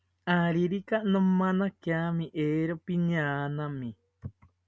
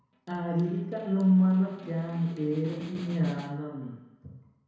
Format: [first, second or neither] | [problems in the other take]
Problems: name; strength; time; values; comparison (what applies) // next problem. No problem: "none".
first | background sound (Snare drum); 17 dB below the speech // room echo; dies away in 1 s